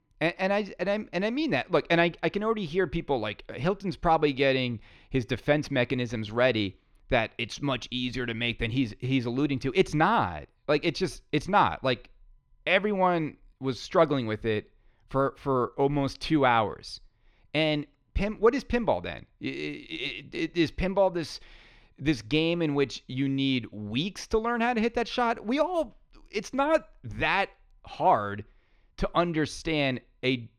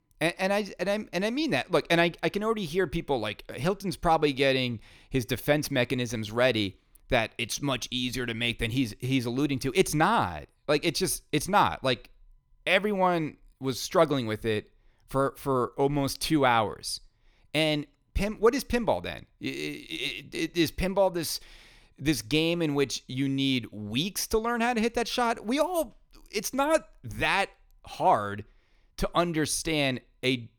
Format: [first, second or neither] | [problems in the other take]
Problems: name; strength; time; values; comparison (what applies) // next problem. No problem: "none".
second | muffled; very slightly; fading above 3.5 kHz